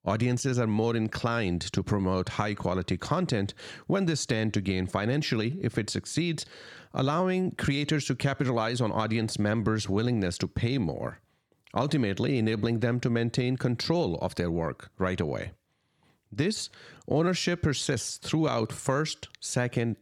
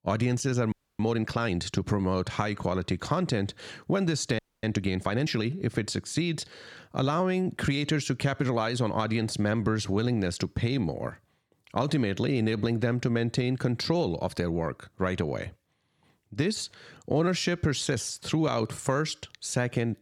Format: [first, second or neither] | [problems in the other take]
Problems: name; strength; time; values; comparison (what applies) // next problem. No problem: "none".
first | audio freezing; at 0.5 s and at 4.5 s